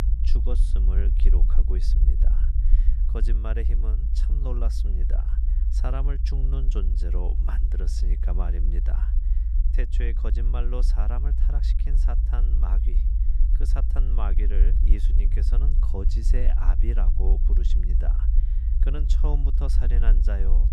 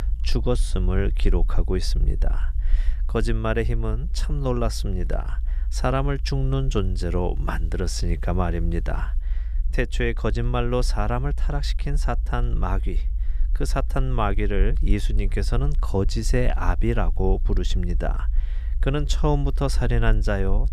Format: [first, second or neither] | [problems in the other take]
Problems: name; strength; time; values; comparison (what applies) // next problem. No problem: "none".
second | low rumble; loud; throughout; 5 dB below the speech; faint in the second